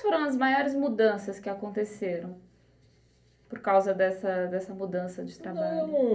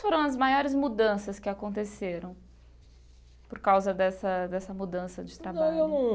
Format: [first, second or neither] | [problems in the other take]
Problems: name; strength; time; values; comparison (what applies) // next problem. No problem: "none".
second | room echo; dies away in 0.3 s